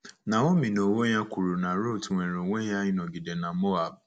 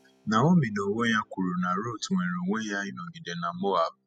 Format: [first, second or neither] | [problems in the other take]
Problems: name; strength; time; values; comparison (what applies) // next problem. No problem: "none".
first | noise reduction (classical method spectral subtraction)